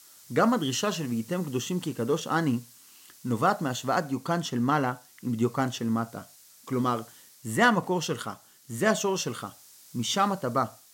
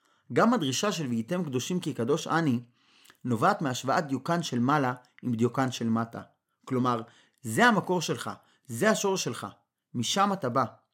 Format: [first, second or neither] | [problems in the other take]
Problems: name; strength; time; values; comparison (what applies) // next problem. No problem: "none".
second | hiss; faint; throughout; 25 dB below the speech